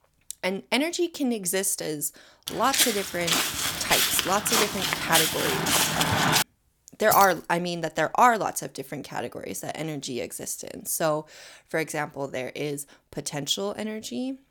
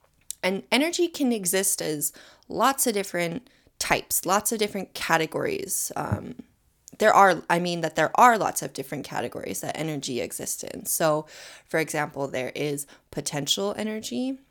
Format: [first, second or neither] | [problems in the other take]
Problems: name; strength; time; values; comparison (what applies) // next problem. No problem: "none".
second | footsteps; loud; from 2.5 to 6.5 s; peak 6 dB above the speech // jangling keys; noticeable; at 7 s; peak level with the speech